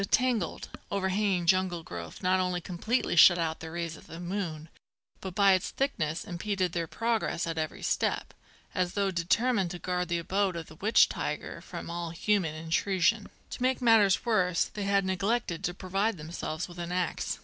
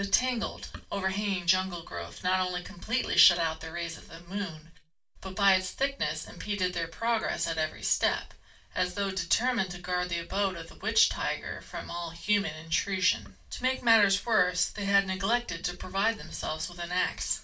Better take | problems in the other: first | room echo; dies away in 0.2 s

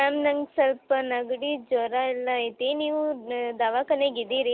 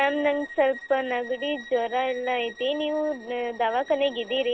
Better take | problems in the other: first | background sound (Bowed string instrument); 16 dB below the speech

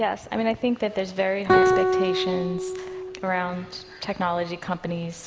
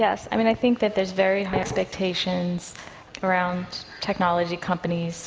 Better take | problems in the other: second | background sound (Guitar); 2 dB above the speech

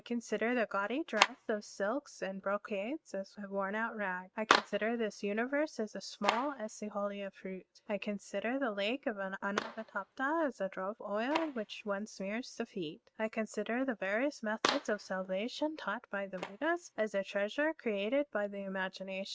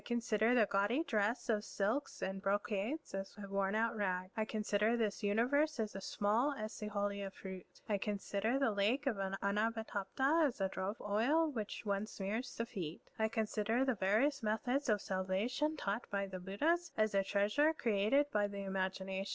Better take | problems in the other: second | noise reduction (neural mask model RNNoise)

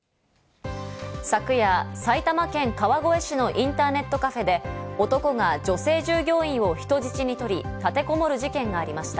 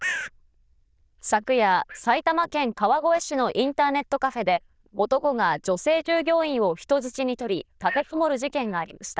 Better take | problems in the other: first | noise reduction (neural diffusion model UNIVERSE++)

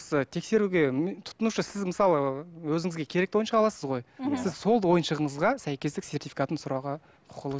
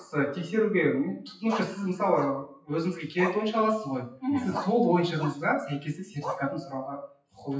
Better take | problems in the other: first | noise reduction (classical method WPE with log-MMSE)

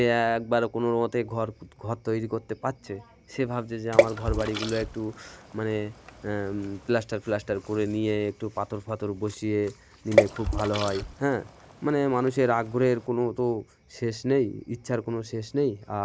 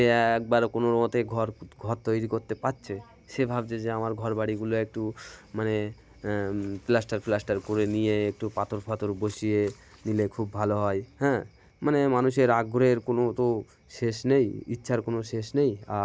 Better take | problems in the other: second | background sound (Water / Splash, splatter); 1 dB below the speech

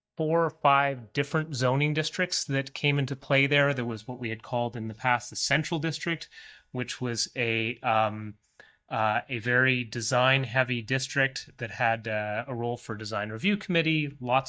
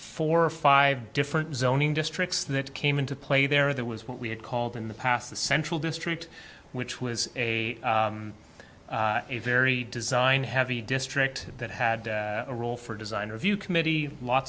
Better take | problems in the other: second | noise reduction (neural mask model DeepFilterNet 3)

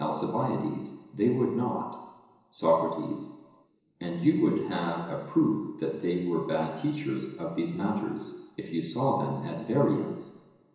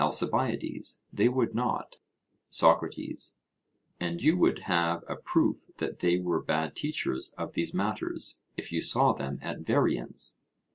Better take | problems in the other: second | room echo; dies away in 1 s

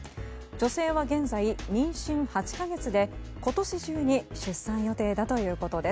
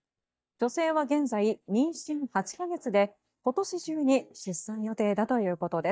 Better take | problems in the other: first | noise reduction (neural mask model DeepFilterNet 3)

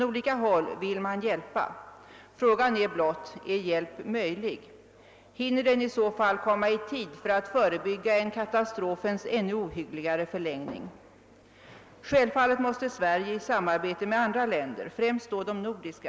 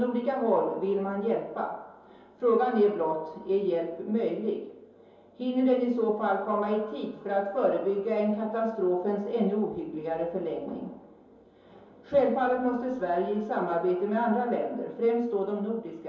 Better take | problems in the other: first | room echo; dies away in 2.8 s

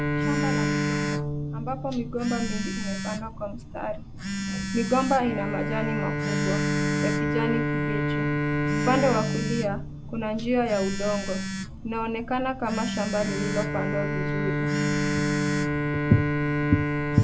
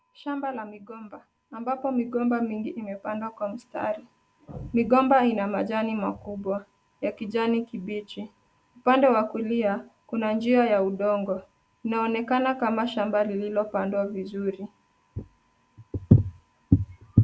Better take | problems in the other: second | background sound (Telephone + Bowed string instrument); 2 dB above the speech

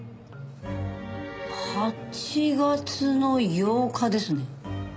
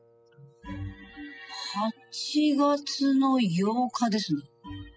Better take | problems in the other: first | noise reduction (classical method spectral subtraction)

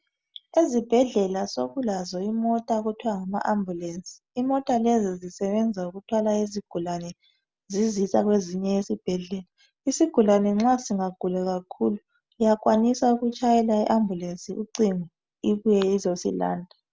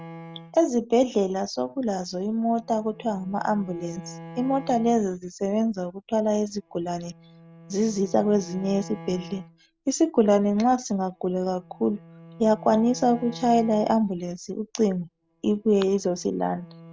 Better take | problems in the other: first | background sound (Bowed string instrument); 20 dB below the speech

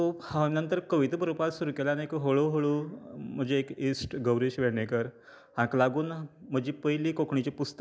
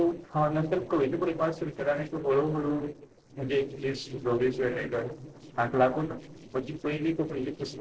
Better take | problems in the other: first | noise reduction (neural separator model SepFormer DNS4)

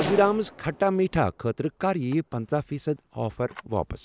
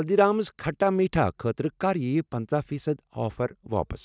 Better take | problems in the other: second | background sound (Gunshot, gunfire); 14 dB below the speech

